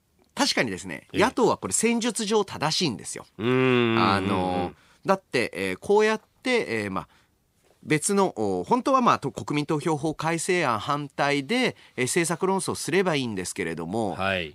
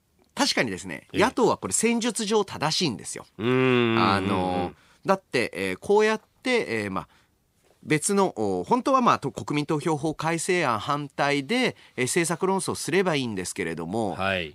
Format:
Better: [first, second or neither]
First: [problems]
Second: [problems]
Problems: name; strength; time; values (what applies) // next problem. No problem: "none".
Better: neither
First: none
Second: none